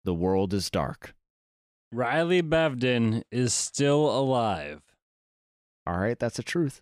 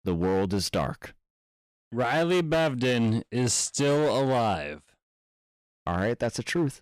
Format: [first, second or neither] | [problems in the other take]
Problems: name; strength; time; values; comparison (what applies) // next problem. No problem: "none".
first | distortion; slight; 10% of the sound clipped